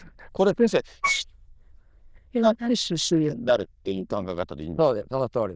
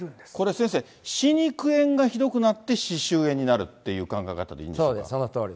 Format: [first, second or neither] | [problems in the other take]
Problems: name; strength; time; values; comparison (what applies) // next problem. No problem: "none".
second | noise reduction (neural diffusion model UNIVERSE++)